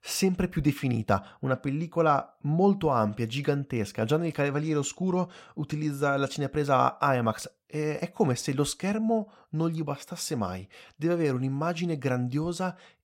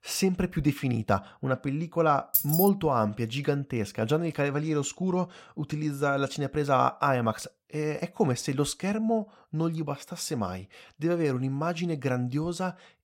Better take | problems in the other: first | jangling keys; loud; at 2.5 s; peak 4 dB above the speech

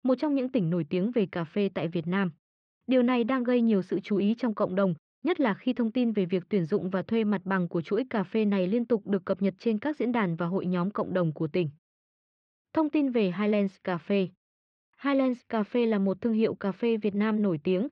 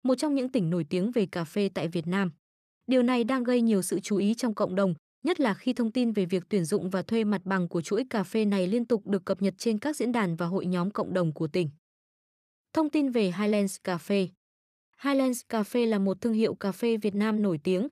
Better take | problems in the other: second | muffled; slightly; fading above 3.5 kHz

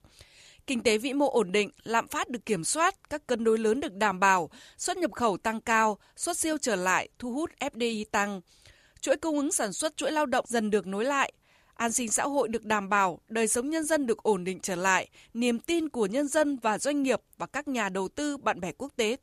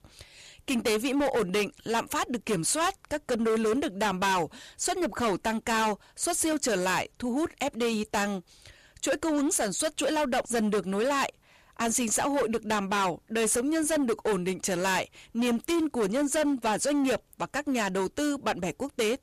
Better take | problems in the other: first | distortion; heavy; 16% of the sound clipped

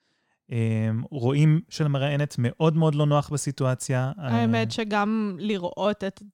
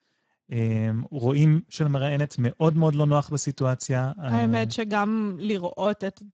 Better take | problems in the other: first | garbled, watery; badly; nothing above 7.5 kHz

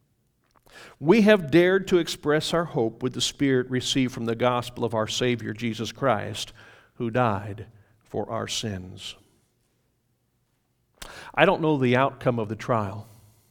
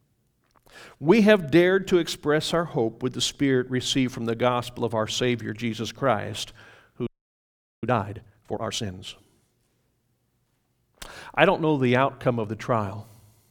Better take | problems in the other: first | audio freezing; at 7 s for 1 s

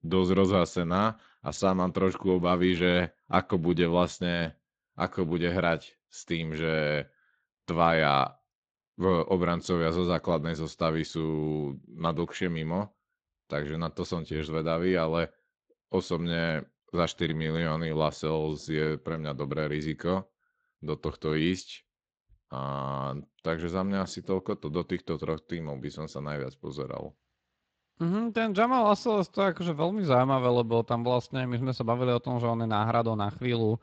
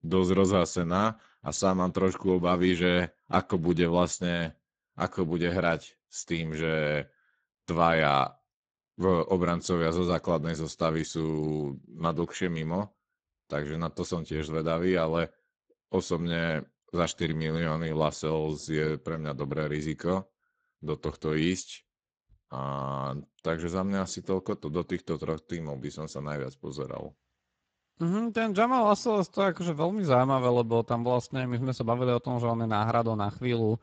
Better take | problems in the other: first | garbled, watery; badly; nothing above 7.5 kHz; slightly in the first

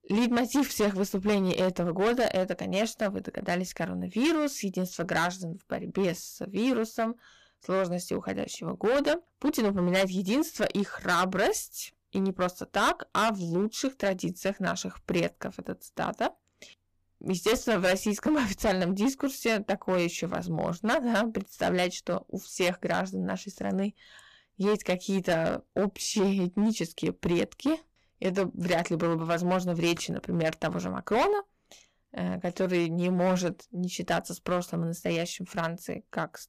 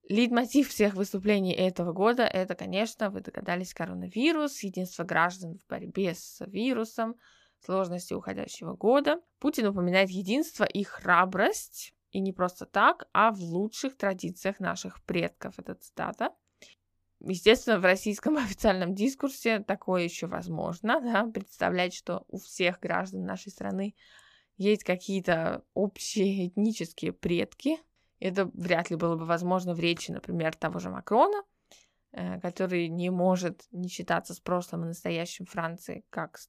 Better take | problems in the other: second | distortion; heavy; 8% of the sound clipped

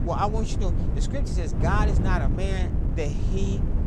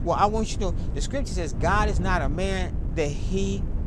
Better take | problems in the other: second | wind noise on the microphone; heavy; 6 dB below the speech; occasional gusts in the second

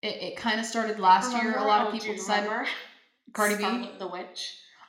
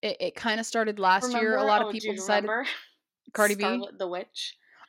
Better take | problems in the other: second | room echo; very slight; dies away in 0.6 s

